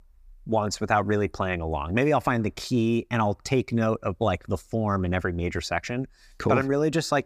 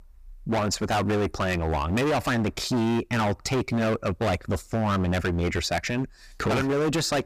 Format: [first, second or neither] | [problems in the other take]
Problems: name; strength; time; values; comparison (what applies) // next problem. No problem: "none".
first | distortion; heavy; 25% of the sound clipped